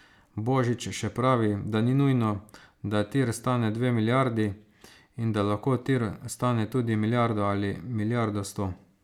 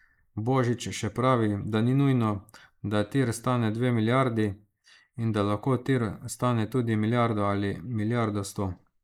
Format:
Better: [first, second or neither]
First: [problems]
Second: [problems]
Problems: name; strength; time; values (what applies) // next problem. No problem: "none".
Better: first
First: none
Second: noise reduction (neural mask model Resemble Enhance denoiser)